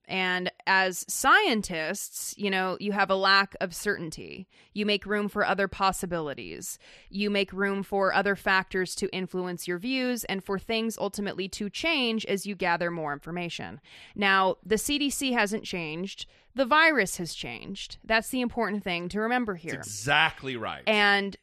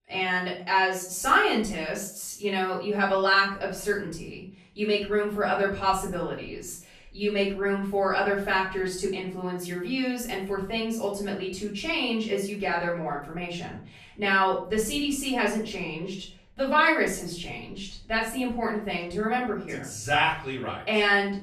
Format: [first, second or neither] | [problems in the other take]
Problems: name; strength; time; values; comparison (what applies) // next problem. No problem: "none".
first | off-mic speech; far // room echo; noticeable; dies away in 0.4 s